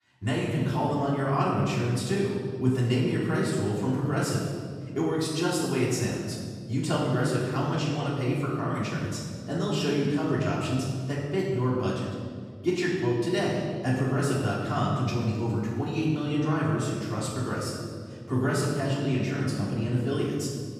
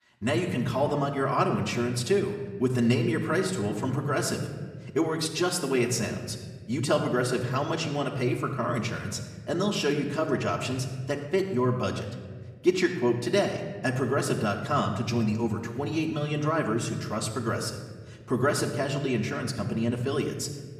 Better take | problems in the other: second | room echo; strong; dies away in 2 s; slight in the second // off-mic speech; far; somewhat distant in the second

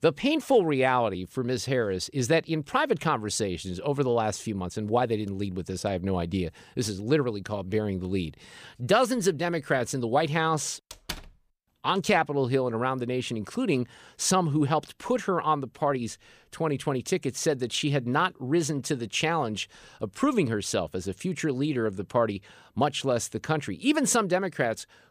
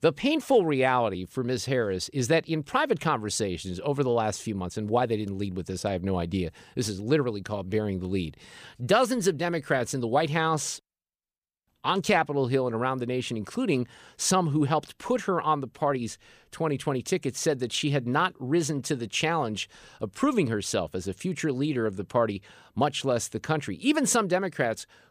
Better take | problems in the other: second | door banging; faint; at 11 s; peak 10 dB below the speech

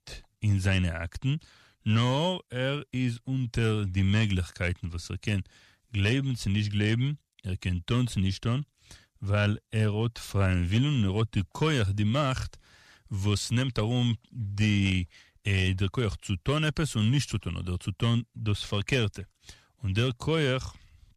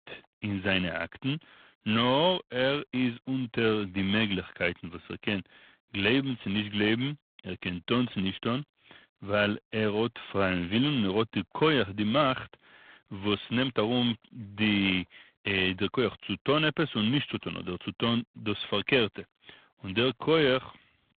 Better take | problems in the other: first | phone-call audio; poor line

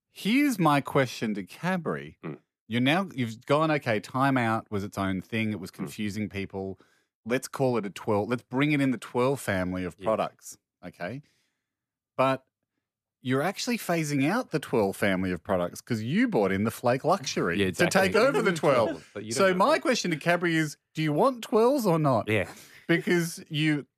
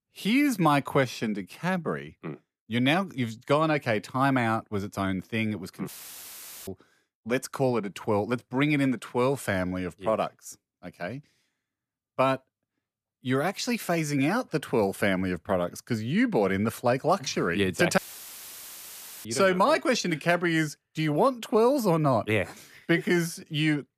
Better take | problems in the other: first | audio cutting out; filled with static; at 6 s for 1 s and at 18 s for 1.5 s

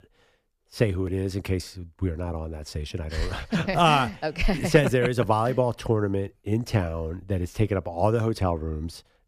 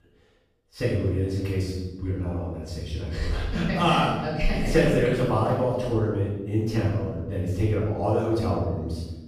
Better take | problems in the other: first | off-mic speech; far // room echo; strong; dies away in 1.1 s

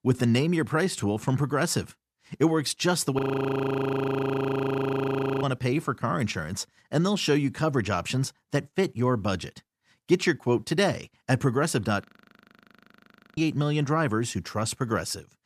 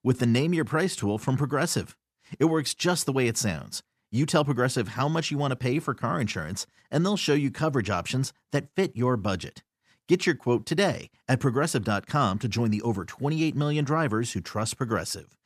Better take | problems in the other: second | audio freezing; at 3 s for 2 s and at 12 s for 1.5 s

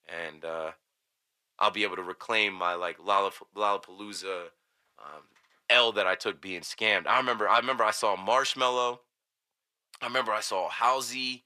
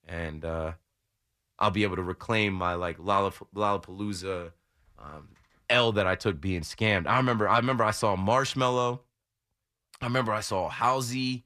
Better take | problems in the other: second | thin; somewhat; fading below 500 Hz

